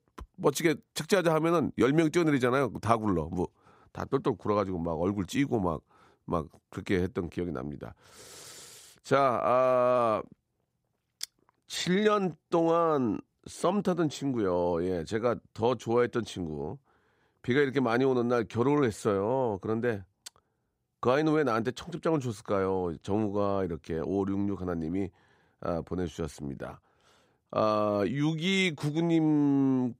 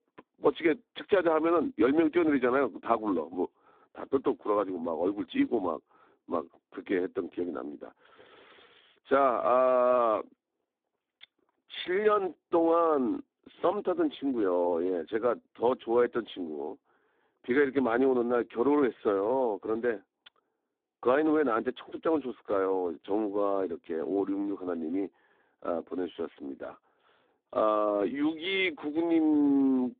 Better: first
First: none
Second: phone-call audio; poor line

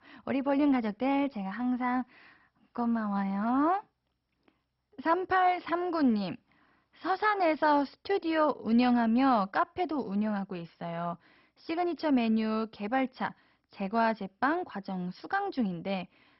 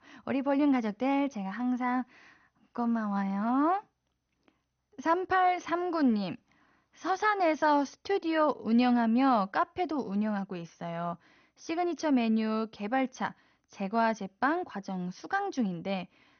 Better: second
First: garbled, watery; badly; nothing above 5.5 kHz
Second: garbled, watery; slightly; nothing above 6.5 kHz

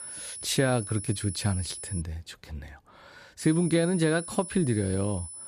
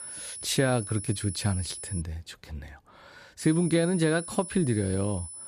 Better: neither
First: high-pitched whine; loud; until 2 s and from 3.5 s on; 10 kHz, 10 dB below the speech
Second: high-pitched whine; loud; until 2 s and from 3.5 s on; 10 kHz, 10 dB below the speech

